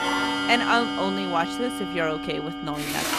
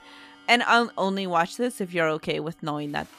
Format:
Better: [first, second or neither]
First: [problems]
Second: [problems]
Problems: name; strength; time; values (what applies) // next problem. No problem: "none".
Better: second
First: household noises; loud; throughout; 2 dB below the speech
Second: household noises; faint; throughout; 30 dB below the speech